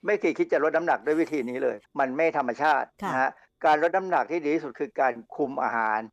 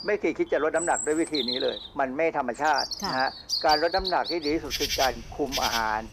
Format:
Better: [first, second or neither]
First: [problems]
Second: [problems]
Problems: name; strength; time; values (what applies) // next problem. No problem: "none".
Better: first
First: none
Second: animal sounds; loud; throughout; 3 dB below the speech